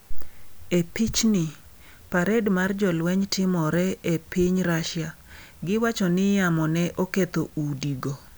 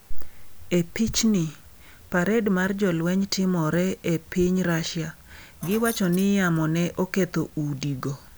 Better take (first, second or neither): first